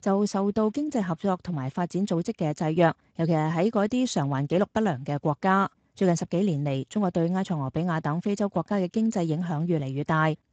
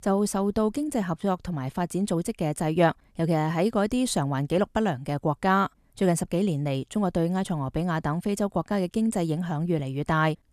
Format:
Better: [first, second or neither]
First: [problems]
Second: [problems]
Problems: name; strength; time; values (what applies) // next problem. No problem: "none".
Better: second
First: garbled, watery; slightly; nothing above 7.5 kHz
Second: none